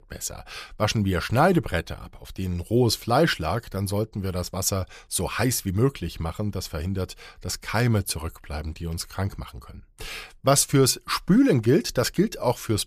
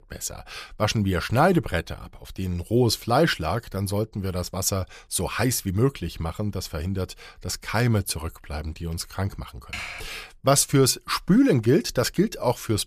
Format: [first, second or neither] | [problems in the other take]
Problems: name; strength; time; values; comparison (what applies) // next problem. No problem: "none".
first | keyboard typing; noticeable; at 9.5 s; peak 9 dB below the speech